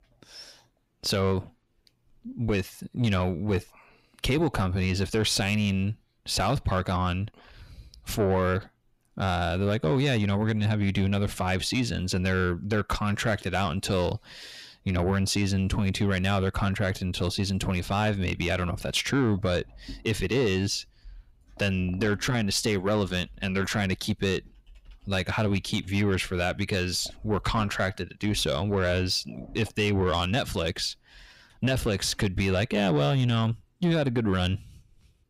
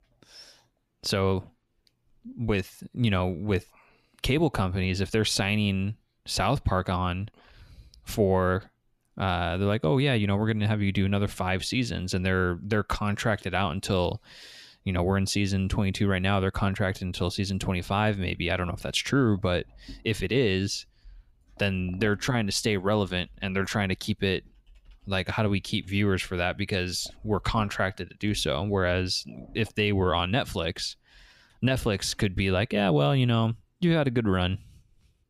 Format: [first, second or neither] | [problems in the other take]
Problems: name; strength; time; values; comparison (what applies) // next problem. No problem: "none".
second | distortion; slight; 10 dB below the speech